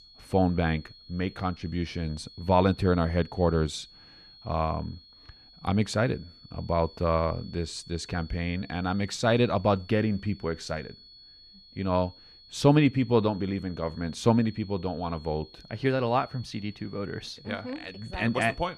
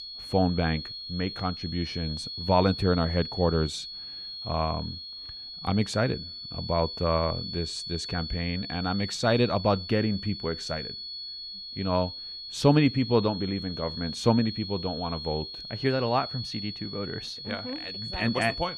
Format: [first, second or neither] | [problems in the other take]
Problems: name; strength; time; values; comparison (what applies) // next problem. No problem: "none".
first | high-pitched whine; loud; throughout; 4.5 kHz, 8 dB below the speech; faint in the first